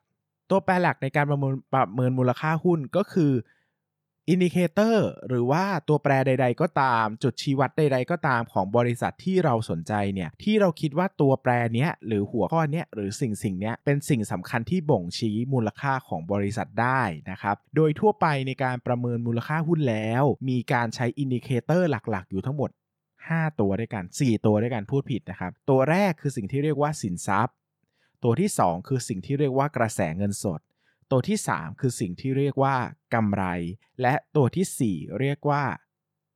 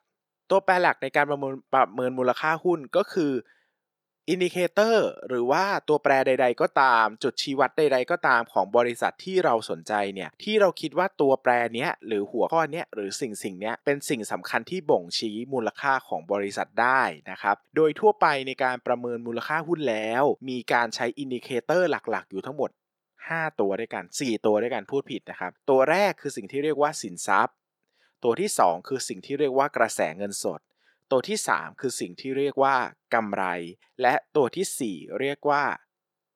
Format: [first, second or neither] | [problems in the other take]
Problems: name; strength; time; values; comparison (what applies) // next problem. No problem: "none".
first | thin; somewhat; fading below 400 Hz